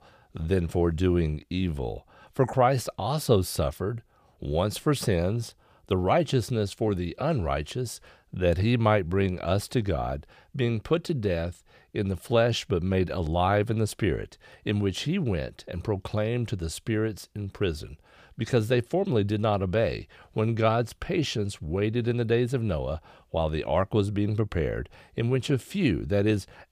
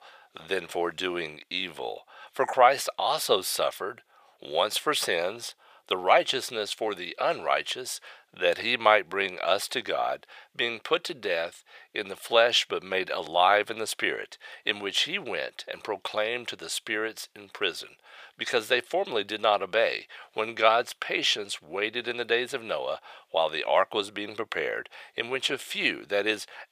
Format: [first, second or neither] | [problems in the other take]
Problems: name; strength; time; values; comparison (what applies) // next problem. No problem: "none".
first | thin; very; fading below 700 Hz